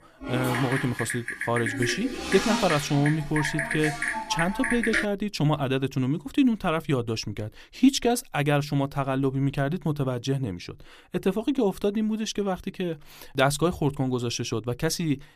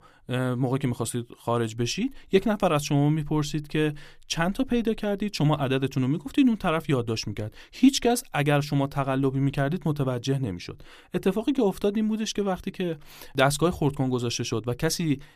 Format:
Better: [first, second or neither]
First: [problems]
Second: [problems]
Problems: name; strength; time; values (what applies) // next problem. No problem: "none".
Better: second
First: keyboard typing; loud; until 5 s; peak 1 dB above the speech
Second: none